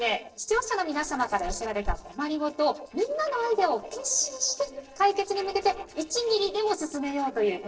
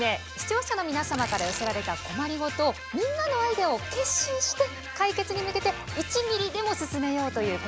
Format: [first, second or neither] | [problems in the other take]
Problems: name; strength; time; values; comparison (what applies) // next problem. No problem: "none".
second | noise reduction (neural separator model SepFormer DNS4)